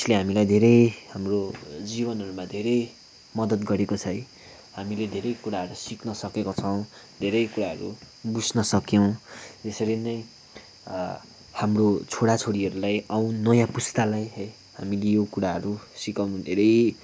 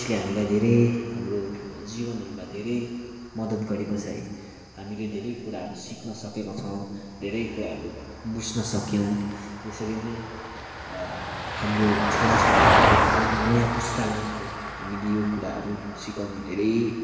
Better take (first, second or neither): first